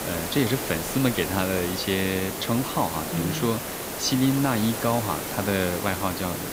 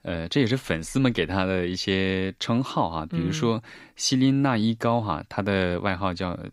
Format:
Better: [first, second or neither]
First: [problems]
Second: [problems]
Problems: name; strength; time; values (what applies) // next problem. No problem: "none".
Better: second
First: hiss; loud; throughout; 4 dB below the speech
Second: none